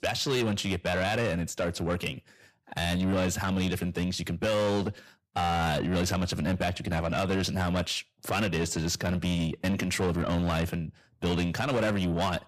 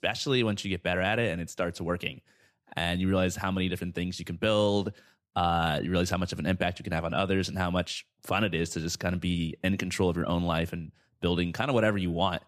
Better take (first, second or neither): second